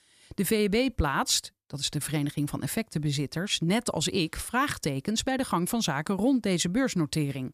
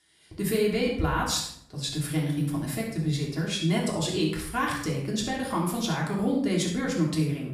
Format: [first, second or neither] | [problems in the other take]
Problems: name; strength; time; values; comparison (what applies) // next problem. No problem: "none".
first | off-mic speech; far // room echo; noticeable; dies away in 0.5 s